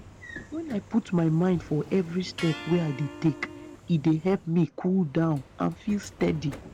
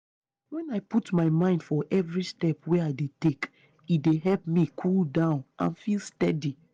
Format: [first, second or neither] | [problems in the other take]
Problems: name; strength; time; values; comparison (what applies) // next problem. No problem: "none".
second | background sound (Sliding door / Train + Electric guitar); 16 dB below the speech